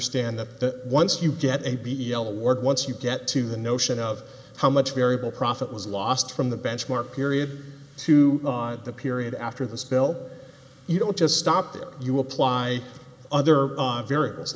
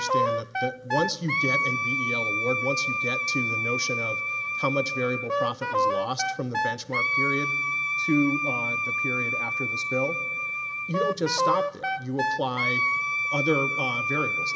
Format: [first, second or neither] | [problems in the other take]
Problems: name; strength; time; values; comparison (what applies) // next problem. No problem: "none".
first | background sound (Wind instrument, woodwind instrument); 3 dB above the speech